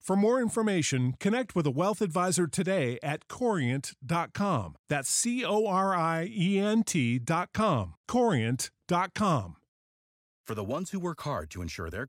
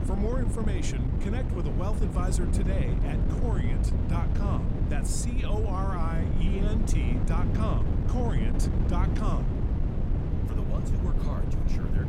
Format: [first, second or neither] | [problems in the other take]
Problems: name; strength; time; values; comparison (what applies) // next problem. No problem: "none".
first | wind noise on the microphone; heavy; 1 dB below the speech